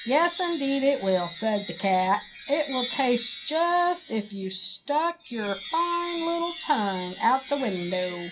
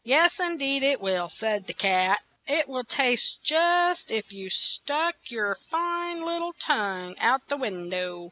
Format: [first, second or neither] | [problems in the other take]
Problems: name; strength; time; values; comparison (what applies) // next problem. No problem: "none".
second | background sound (Wind chime); 13 dB below the speech // room echo; dies away in 0.3 s